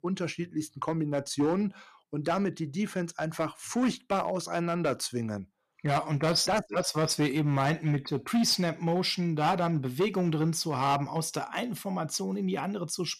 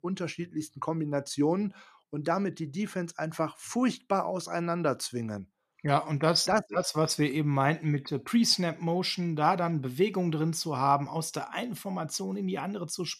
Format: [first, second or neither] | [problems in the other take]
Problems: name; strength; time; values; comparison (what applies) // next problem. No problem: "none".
second | distortion; slight; 5% of the sound clipped